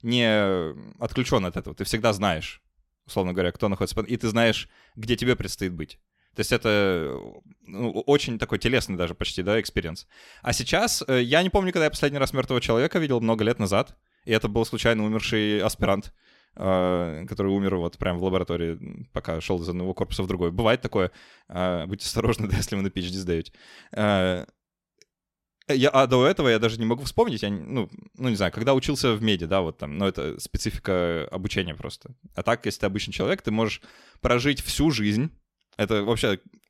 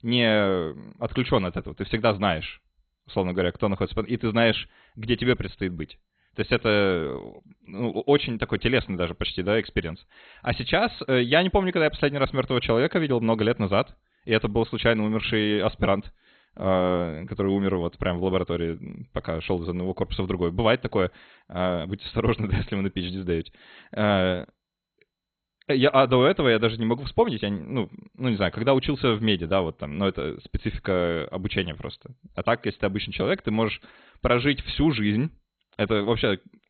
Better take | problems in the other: first | garbled, watery; badly; nothing above 4 kHz

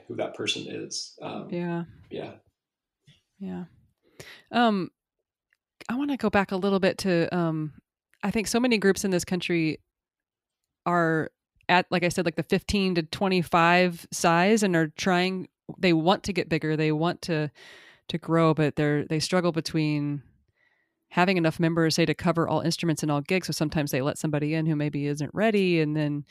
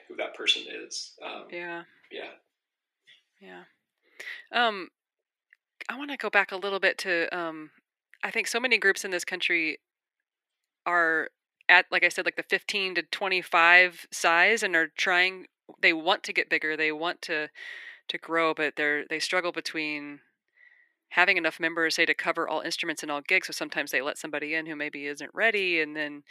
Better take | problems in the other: first | thin; very; fading below 350 Hz

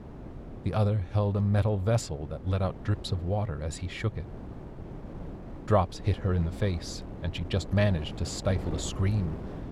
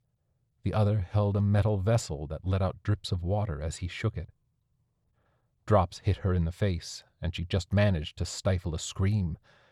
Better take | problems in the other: second | wind noise on the microphone; occasional gusts; 15 dB below the speech

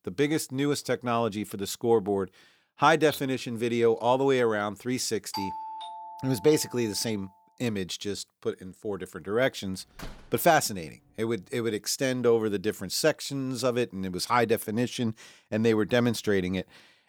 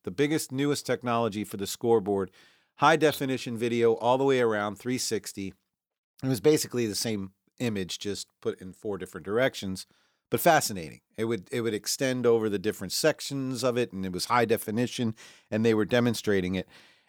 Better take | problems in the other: second | doorbell; noticeable; from 5.5 to 7 s; peak 7 dB below the speech // door banging; faint; at 10 s; peak 15 dB below the speech

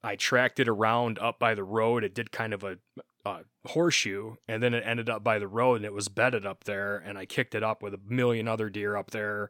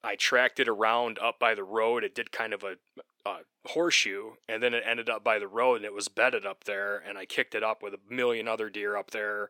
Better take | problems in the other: first | thin; somewhat; fading below 400 Hz

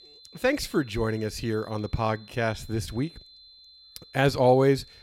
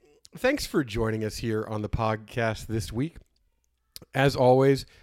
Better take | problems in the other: second | high-pitched whine; faint; throughout; 4 kHz, 25 dB below the speech

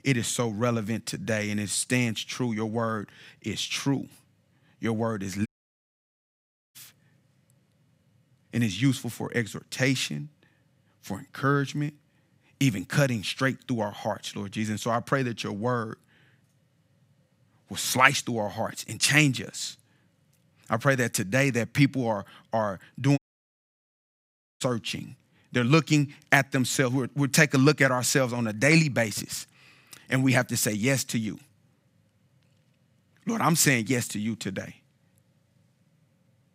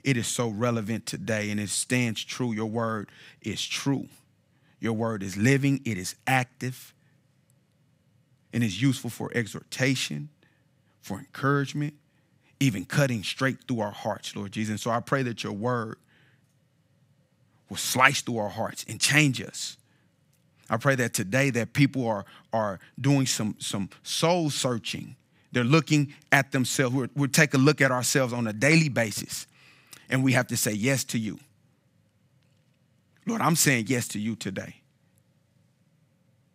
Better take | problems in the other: second | audio cutting out; at 5.5 s for 1.5 s and at 23 s for 1.5 s

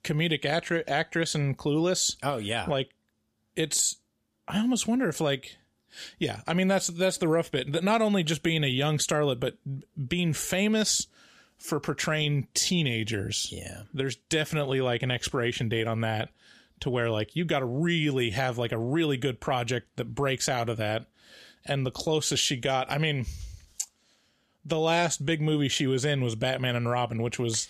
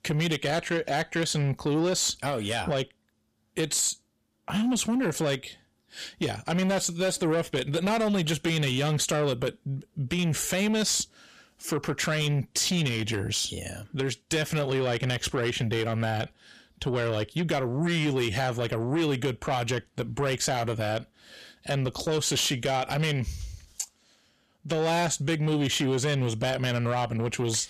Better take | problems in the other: first | distortion; slight; 10 dB below the speech

